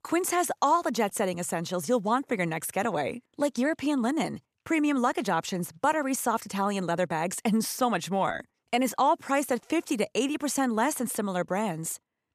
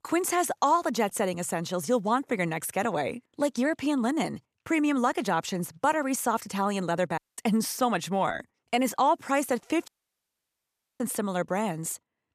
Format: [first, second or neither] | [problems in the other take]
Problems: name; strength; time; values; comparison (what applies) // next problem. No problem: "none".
first | audio cutting out; at 7 s and at 10 s for 1 s